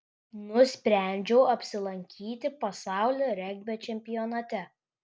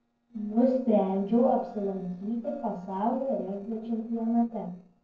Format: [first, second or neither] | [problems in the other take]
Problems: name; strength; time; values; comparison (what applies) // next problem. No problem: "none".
first | noise reduction (neural separator model SepFormer DNS4)